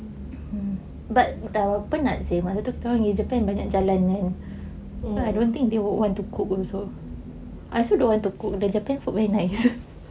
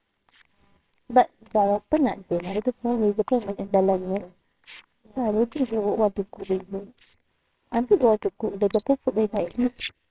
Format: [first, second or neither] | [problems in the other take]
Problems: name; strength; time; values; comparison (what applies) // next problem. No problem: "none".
first | noise reduction (neural separator model SepFormer WHAMR!)